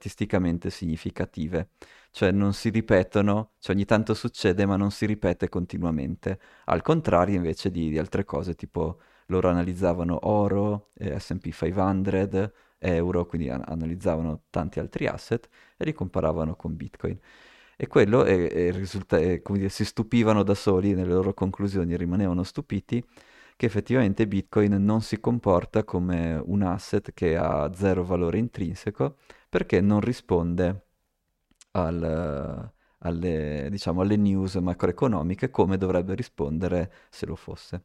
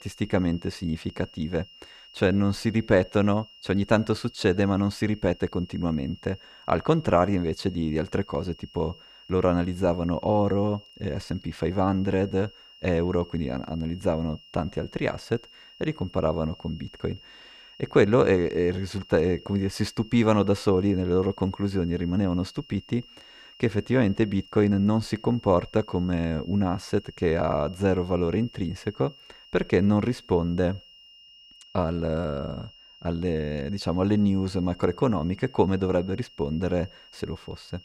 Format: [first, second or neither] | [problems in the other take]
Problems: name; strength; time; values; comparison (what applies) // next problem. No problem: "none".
first | high-pitched whine; faint; throughout; 3 kHz, 25 dB below the speech